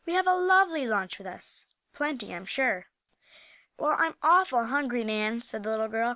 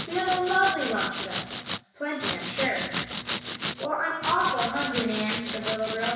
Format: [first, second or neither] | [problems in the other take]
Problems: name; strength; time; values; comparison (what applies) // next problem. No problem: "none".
first | background sound (Domestic sounds, home sounds); 5 dB below the speech // room echo; dies away in 1.1 s